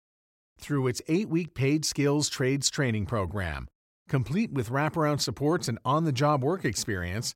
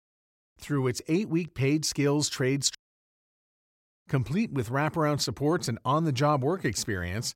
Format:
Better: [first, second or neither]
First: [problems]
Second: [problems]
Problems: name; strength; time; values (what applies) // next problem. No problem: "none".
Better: first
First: none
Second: audio cutting out; at 3 s for 1 s